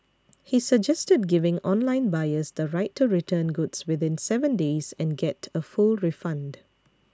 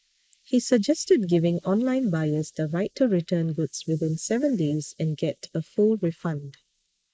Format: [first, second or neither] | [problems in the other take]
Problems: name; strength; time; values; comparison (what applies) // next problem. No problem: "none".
first | noise reduction (neural mask model Resemble Enhance denoiser)